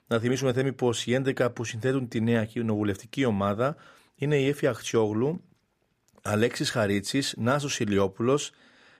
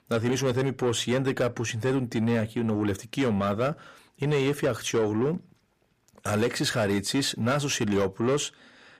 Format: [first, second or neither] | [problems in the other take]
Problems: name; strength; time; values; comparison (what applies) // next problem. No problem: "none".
first | distortion; slight; 10 dB below the speech